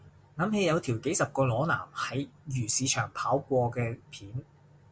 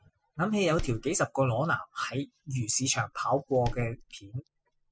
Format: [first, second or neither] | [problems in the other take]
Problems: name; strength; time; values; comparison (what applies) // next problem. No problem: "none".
first | noise reduction (classical method spectral subtraction)